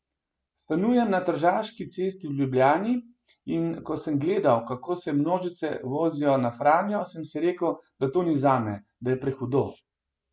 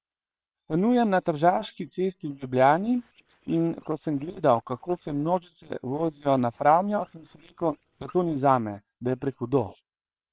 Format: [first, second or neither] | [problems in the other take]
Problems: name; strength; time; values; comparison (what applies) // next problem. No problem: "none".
first | noise reduction (neural separator model SepFormer WHAM!)